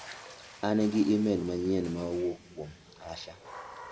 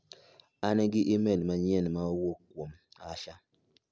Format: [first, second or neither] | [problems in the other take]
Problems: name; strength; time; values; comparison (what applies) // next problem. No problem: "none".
second | background sound (Water / Splash, splatter); 17 dB below the speech // room echo; dies away in 0.9 s